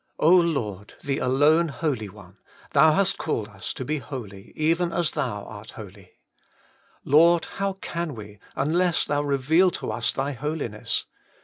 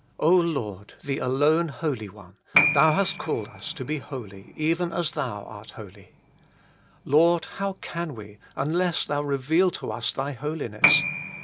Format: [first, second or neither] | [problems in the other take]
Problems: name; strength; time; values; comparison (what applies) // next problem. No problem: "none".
first | background sound (Piano); 7 dB below the speech